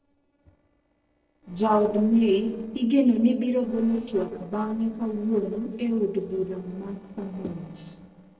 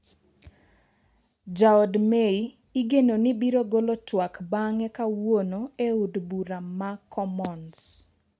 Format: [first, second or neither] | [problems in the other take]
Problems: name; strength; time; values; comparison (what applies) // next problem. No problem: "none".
second | noise reduction (neural separator model SepFormer DNS4)